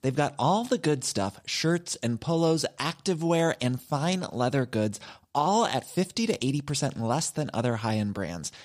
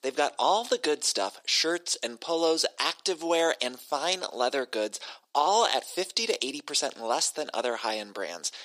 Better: first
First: none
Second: thin; very; fading below 350 Hz

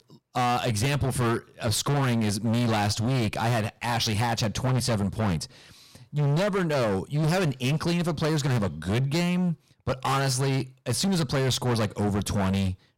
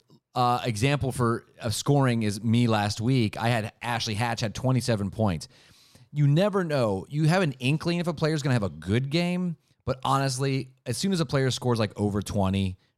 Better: second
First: distortion; heavy; 25% of the sound clipped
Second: none

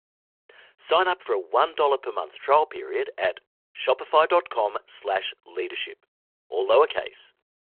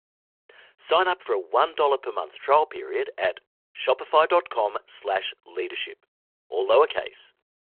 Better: neither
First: phone-call audio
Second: phone-call audio

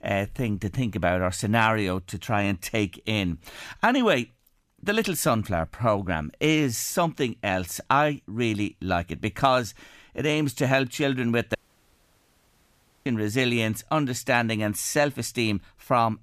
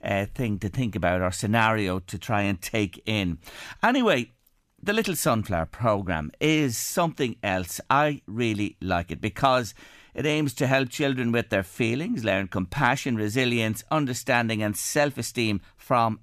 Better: second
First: audio cutting out; at 12 s for 1.5 s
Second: none

